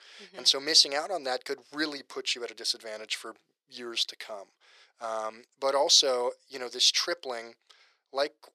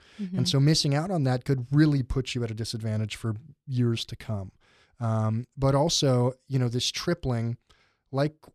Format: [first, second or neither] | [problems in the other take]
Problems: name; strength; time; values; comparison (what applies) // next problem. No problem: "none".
second | thin; very; fading below 450 Hz